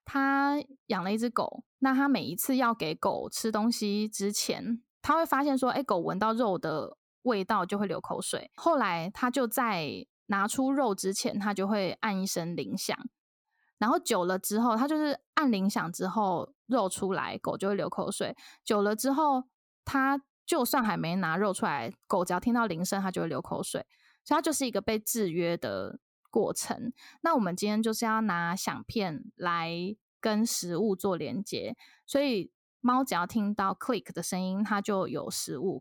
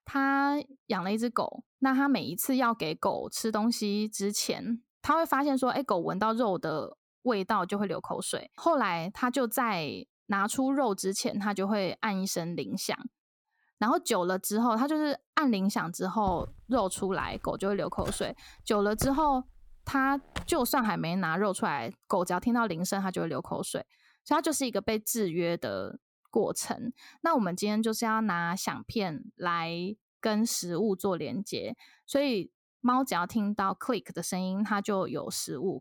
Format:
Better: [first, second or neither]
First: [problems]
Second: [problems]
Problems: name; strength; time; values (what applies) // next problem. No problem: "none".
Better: first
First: none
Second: footsteps; noticeable; from 16 to 21 s; peak 8 dB below the speech